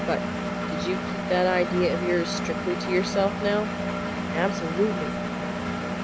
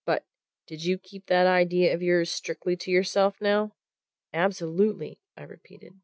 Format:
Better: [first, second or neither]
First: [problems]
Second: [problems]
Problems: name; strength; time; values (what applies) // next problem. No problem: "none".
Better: second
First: background sound (Engine); 1 dB below the speech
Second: none